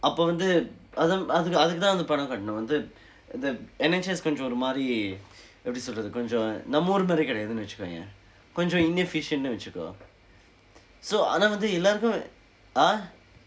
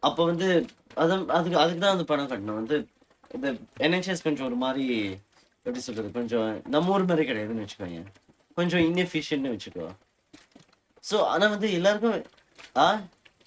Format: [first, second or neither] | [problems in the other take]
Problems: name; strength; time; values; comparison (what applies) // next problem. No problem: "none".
first | noise reduction (neural mask model RNNoise)